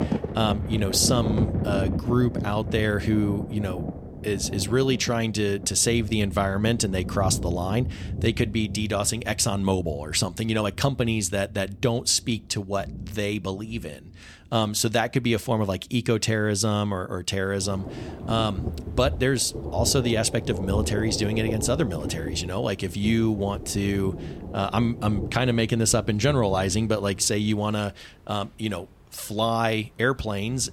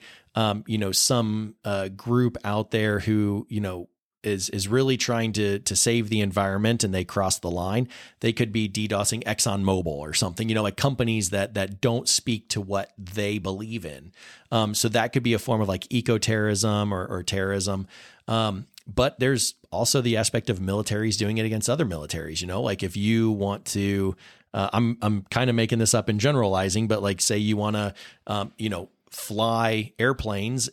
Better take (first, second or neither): second